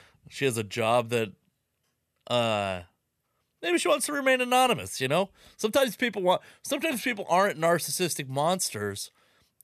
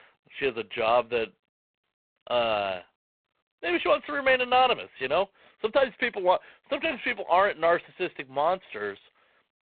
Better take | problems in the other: first | phone-call audio; poor line; nothing above 4 kHz

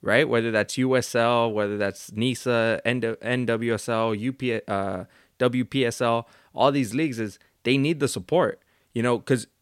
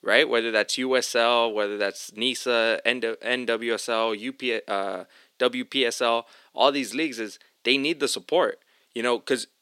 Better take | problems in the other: first | thin; very slightly; fading below 300 Hz

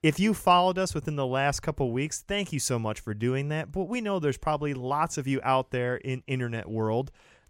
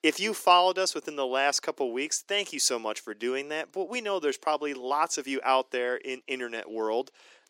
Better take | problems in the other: first | thin; somewhat; fading below 300 Hz

